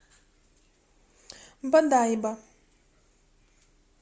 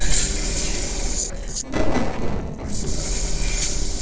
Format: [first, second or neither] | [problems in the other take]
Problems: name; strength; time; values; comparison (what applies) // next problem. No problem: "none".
first | noise reduction (neural separator model SepFormer DNS4)